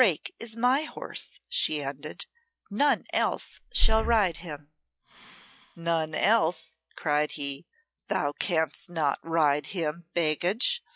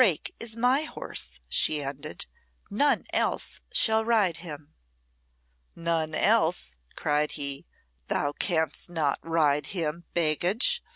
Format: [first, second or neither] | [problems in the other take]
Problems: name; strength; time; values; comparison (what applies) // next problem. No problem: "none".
second | noise reduction (classical method log-MMSE)